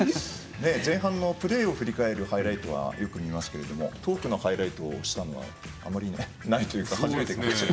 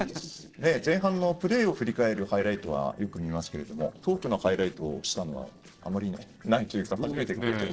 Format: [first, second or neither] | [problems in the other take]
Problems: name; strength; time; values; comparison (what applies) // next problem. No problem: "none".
first | noise reduction (neural separator model SepFormer DNS4)